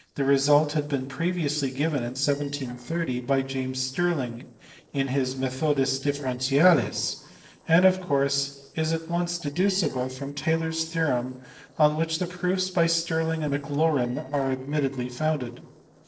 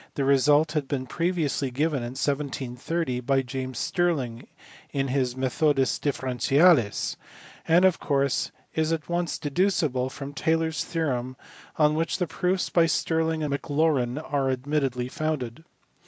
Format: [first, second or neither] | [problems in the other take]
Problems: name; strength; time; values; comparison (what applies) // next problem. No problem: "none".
second | noise reduction (neural separator model SepFormer DNS4)